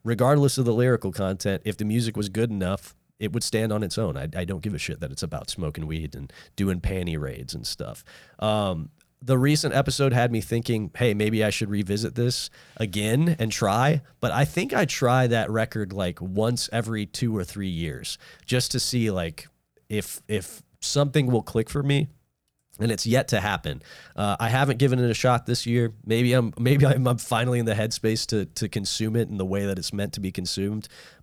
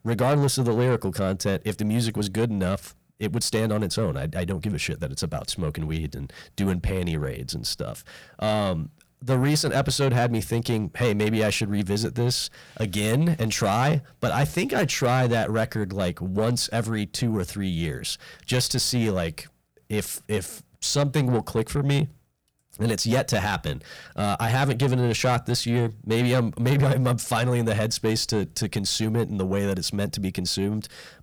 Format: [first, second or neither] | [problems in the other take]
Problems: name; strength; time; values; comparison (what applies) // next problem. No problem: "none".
first | distortion; slight; 10 dB below the speech